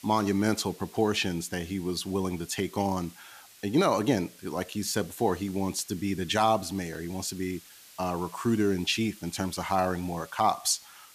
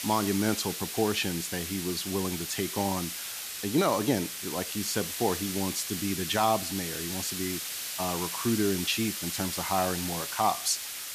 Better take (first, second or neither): first